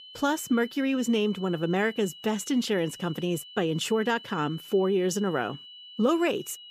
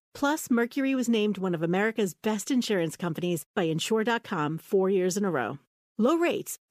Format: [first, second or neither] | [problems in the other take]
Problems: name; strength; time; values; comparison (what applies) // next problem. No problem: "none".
second | high-pitched whine; noticeable; throughout; 3 kHz, 15 dB below the speech